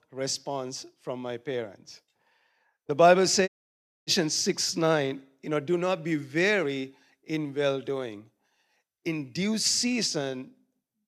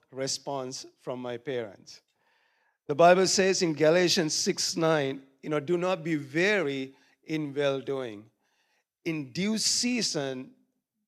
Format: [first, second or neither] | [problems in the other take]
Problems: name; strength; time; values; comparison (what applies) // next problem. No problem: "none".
second | audio cutting out; at 3.5 s for 0.5 s